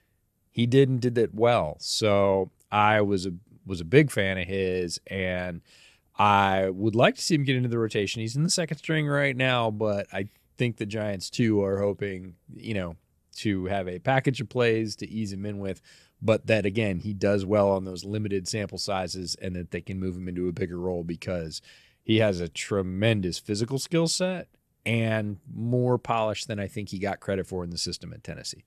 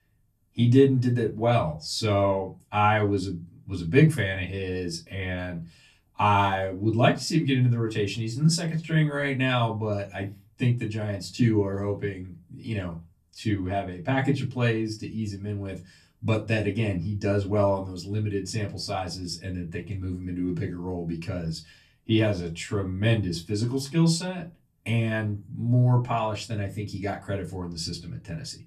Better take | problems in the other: first | off-mic speech; far // room echo; very slight; dies away in 0.2 s

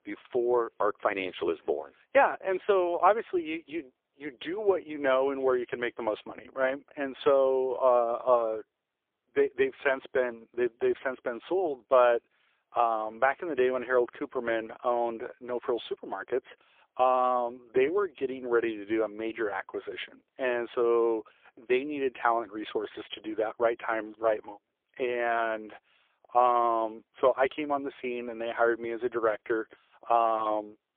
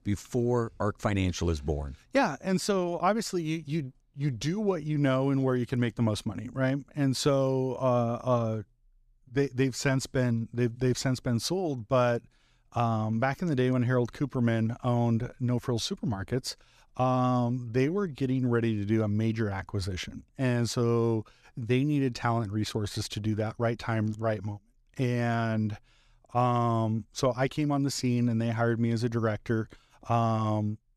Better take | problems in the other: second | phone-call audio; poor line

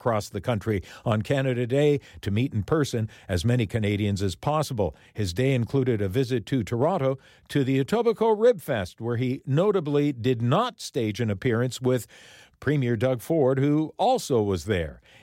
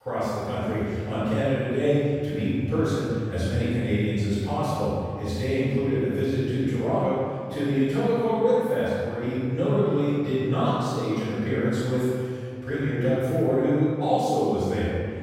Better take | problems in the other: first | off-mic speech; far // room echo; strong; dies away in 2 s

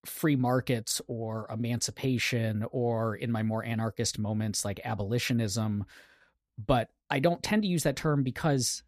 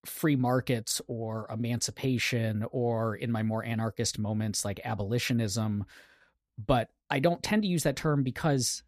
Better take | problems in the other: neither | none

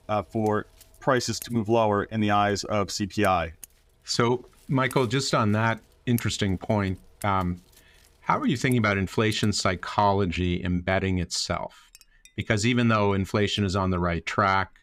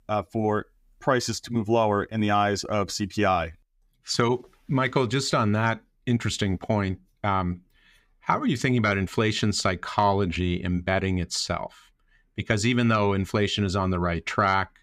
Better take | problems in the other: second | household noises; faint; throughout; 25 dB below the speech

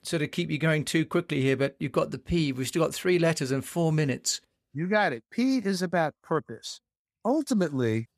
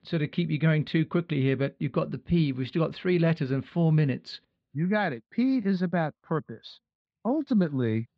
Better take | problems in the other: first | muffled; slightly; fading above 4 kHz

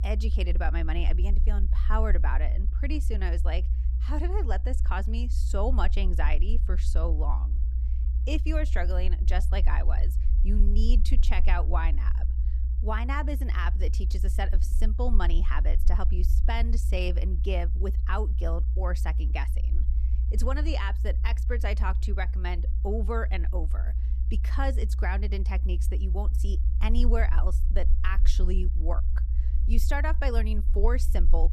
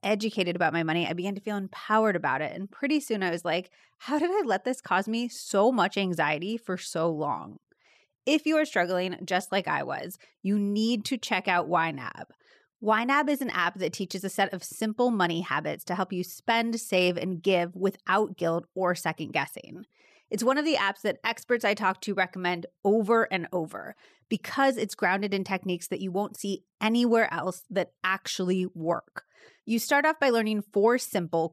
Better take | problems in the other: second | low rumble; noticeable; throughout; 10 dB below the speech

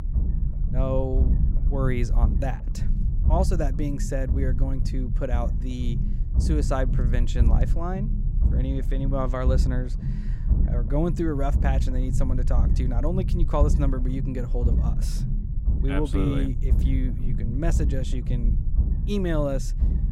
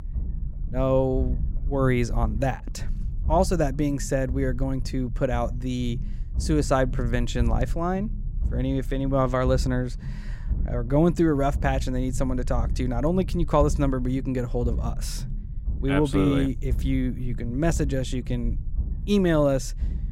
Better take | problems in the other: second | low rumble; loud; throughout; 9 dB below the speech; faint in the second

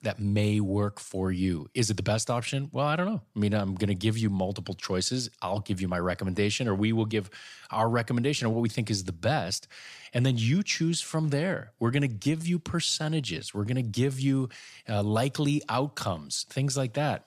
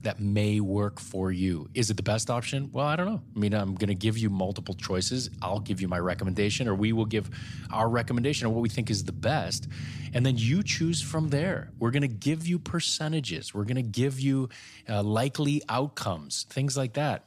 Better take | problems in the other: first | low rumble; faint; throughout; 20 dB below the speech

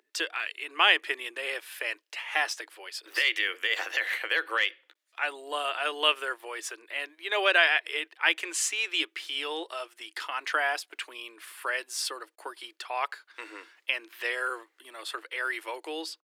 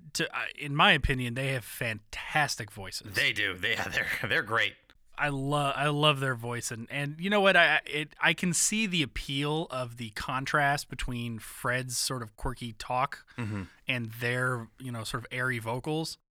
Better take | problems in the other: second | thin; very; fading below 300 Hz

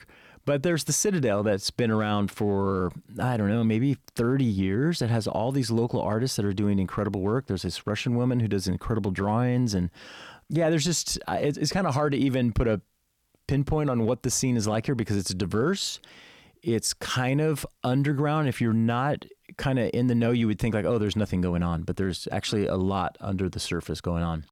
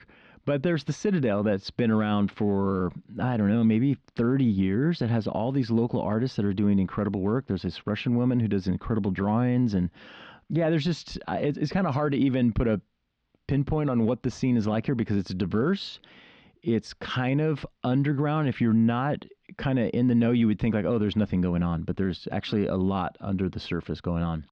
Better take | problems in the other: first | muffled; slightly; fading above 4 kHz

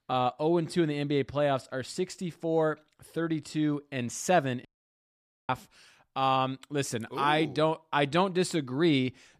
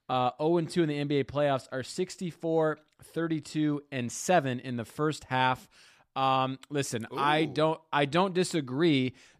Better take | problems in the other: second | audio cutting out; at 4.5 s for 1 s

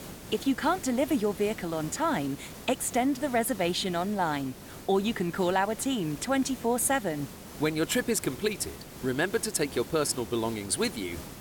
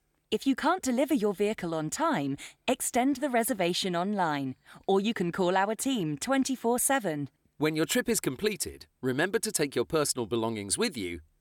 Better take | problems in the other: second | hiss; noticeable; throughout; 15 dB below the speech

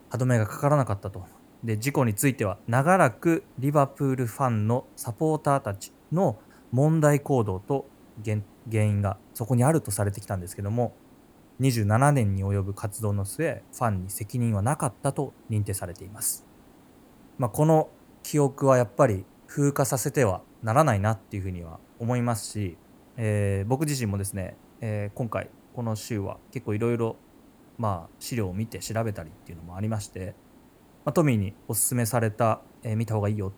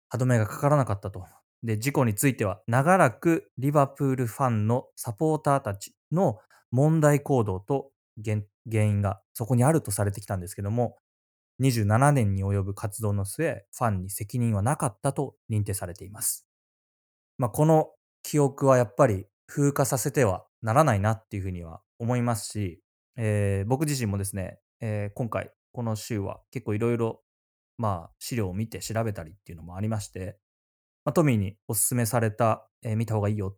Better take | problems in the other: second | hiss; faint; throughout; 30 dB below the speech

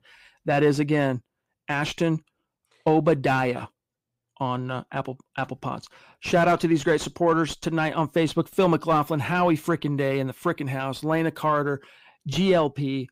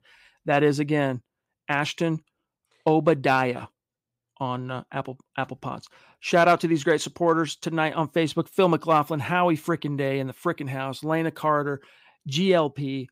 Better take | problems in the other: second | distortion; slight; 10 dB below the speech

